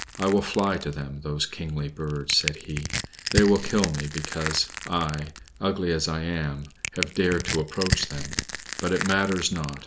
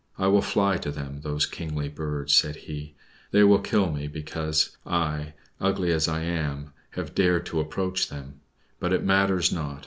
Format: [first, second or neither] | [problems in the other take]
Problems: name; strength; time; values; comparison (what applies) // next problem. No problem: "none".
second | background sound (Crushing); 6 dB below the speech